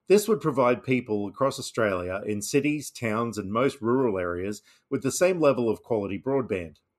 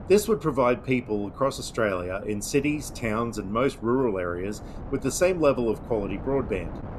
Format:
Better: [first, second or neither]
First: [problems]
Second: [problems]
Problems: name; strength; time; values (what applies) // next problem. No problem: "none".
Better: first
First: none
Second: wind noise on the microphone; occasional gusts; 20 dB below the speech